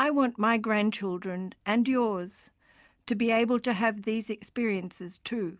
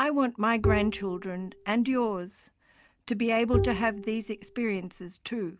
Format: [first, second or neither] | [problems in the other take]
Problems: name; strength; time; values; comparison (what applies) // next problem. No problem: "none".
first | background sound (Bowed string instrument); 4 dB below the speech